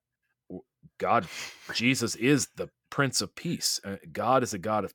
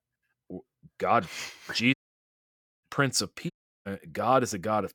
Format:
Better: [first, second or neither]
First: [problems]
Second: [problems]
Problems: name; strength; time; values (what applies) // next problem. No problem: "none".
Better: first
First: none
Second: audio cutting out; at 2 s for 1 s and at 3.5 s